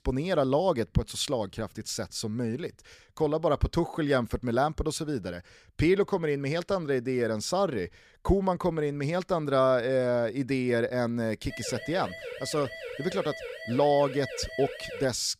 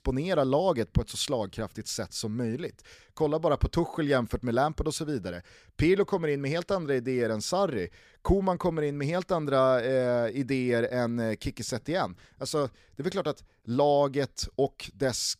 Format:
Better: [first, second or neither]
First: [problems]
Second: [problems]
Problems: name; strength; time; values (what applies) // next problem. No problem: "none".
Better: second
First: siren; noticeable; from 12 s on; peak 10 dB below the speech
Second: none